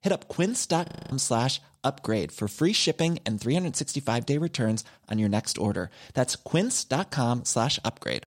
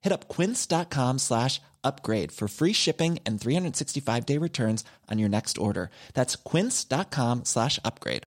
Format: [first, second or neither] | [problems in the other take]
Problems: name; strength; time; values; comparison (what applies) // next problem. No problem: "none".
second | audio freezing; at 1 s